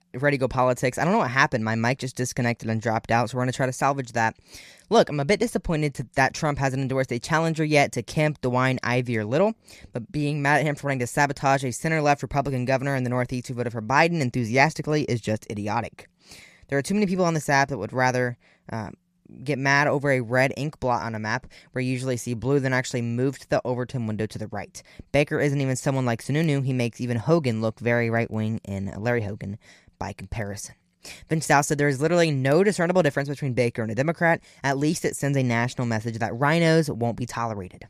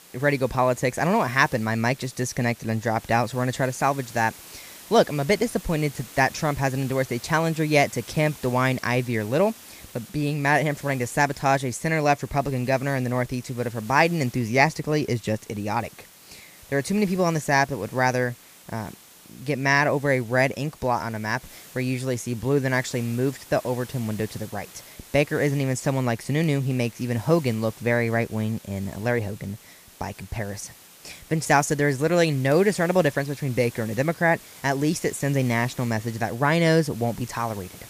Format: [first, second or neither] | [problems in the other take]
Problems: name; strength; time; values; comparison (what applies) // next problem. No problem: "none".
first | hiss; faint; throughout; 20 dB below the speech